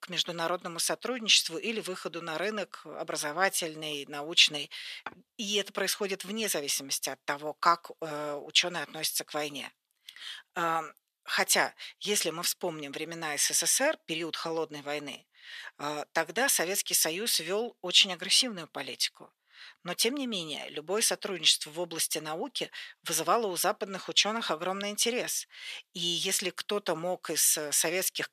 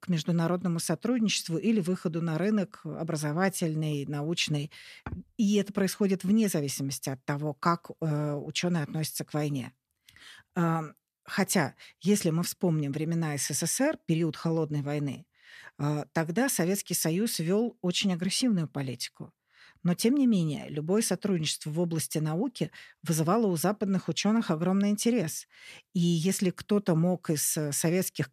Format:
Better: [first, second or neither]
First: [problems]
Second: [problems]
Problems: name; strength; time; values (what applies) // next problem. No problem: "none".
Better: second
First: thin; very; fading below 600 Hz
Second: none